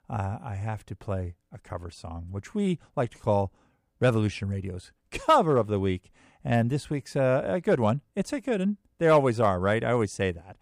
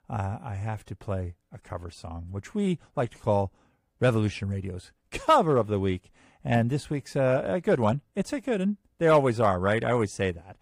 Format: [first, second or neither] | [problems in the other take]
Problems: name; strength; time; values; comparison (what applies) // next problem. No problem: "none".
first | garbled, watery; slightly; nothing above 15.5 kHz